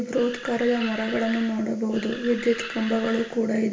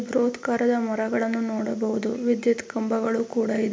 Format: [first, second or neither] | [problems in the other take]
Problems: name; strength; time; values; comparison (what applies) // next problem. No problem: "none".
second | background sound (Animal); 13 dB below the speech // room echo; dies away in 1.1 s